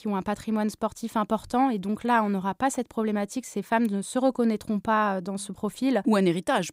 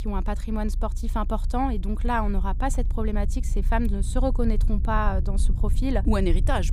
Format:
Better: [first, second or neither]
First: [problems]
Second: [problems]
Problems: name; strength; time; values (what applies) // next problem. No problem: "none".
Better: first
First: none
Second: low rumble; noticeable; throughout; 20 dB below the speech